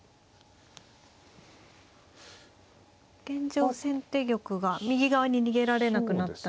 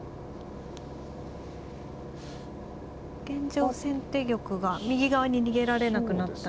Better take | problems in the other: first | background sound (Engine / Boat, Water vehicle); 10 dB below the speech

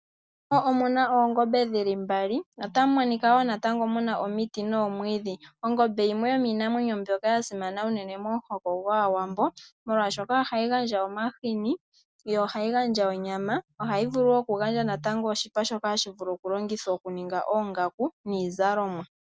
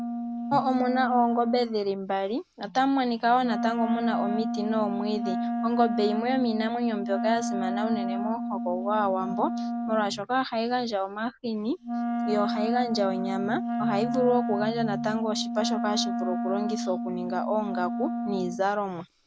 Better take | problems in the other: first | background sound (Wind instrument, woodwind instrument); 3 dB below the speech

